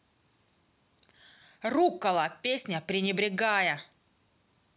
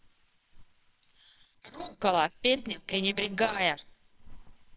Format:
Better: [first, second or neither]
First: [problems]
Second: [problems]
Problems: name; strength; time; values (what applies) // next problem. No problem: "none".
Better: first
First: none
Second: noise reduction (neural separator model SepFormer WHAMR!)